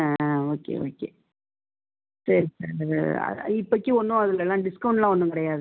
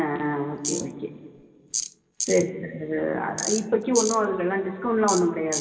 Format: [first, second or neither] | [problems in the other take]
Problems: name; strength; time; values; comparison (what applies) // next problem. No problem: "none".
first | background sound (Tools); 8 dB below the speech // room echo; dies away in 1.9 s